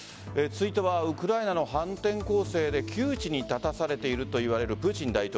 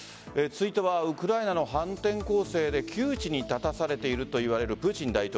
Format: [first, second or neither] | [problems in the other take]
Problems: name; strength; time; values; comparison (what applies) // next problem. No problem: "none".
second | background sound (Engine); 14 dB below the speech